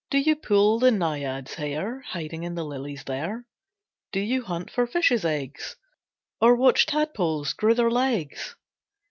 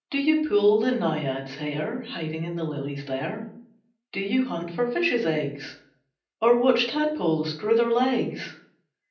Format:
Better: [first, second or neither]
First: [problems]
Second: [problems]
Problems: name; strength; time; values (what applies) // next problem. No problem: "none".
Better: first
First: none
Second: room echo; dies away in 0.6 s